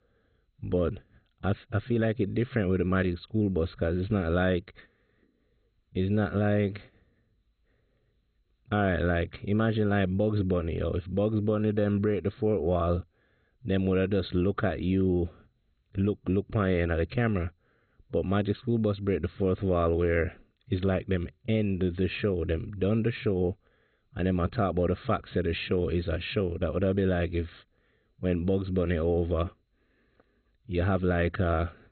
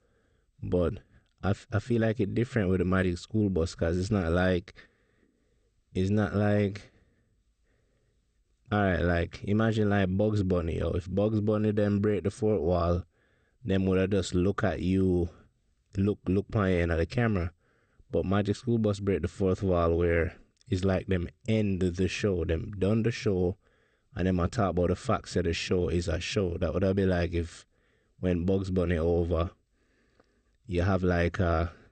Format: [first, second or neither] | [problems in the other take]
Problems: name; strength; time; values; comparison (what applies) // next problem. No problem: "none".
second | garbled, watery; badly; nothing above 4 kHz; slightly in the second